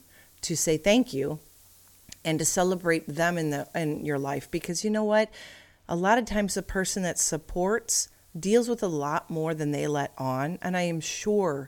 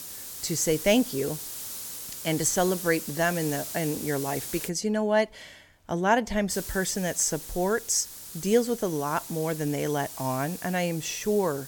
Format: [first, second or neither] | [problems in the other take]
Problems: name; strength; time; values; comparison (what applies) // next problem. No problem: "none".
first | hiss; loud; until 4.5 s and from 6.5 s on; 9 dB below the speech; faint in the first